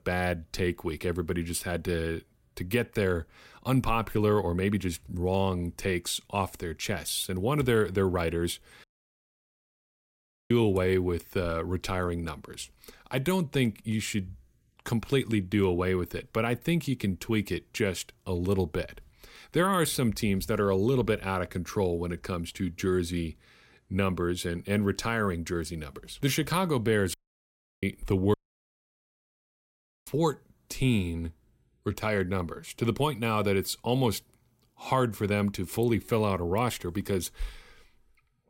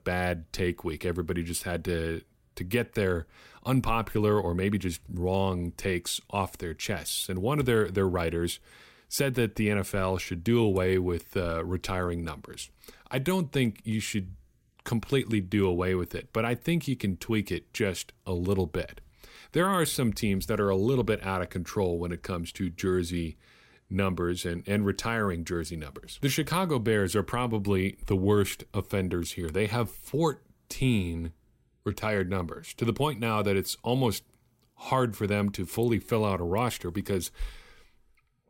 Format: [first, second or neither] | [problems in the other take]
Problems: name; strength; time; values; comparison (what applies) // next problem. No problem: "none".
second | audio cutting out; at 9 s for 1.5 s, at 27 s for 0.5 s and at 28 s for 1.5 s